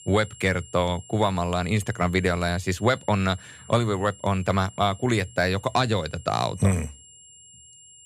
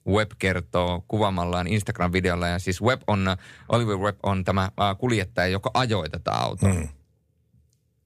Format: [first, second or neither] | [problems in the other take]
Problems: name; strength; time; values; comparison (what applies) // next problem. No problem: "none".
second | high-pitched whine; faint; throughout; 7.5 kHz, 20 dB below the speech